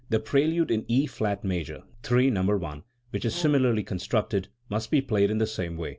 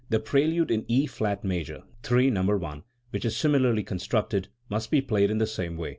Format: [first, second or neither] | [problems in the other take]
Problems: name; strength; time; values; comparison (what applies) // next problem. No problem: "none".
second | background sound (Bowed string instrument); 19 dB below the speech